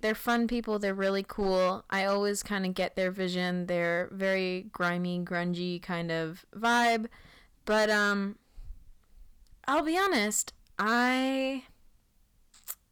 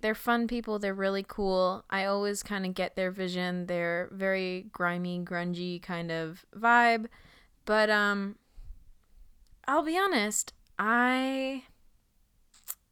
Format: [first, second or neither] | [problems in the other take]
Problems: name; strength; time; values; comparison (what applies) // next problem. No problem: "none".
second | distortion; slight; 5% of the sound clipped